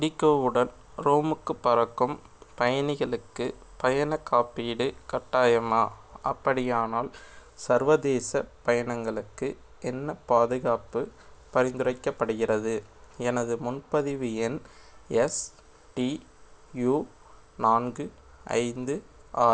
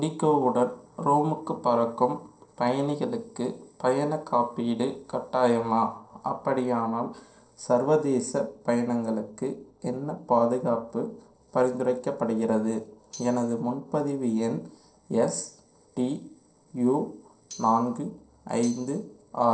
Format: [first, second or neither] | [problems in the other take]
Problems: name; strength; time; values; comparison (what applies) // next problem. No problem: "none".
first | noise reduction (neural separator model SepFormer DNS4)